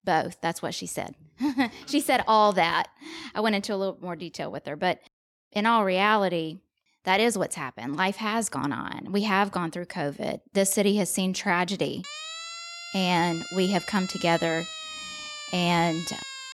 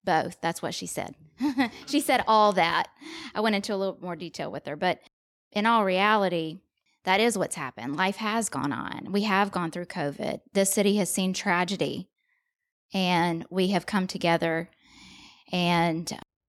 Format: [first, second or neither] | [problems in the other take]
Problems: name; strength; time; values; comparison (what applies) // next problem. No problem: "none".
second | siren; noticeable; from 12 s on; peak 9 dB below the speech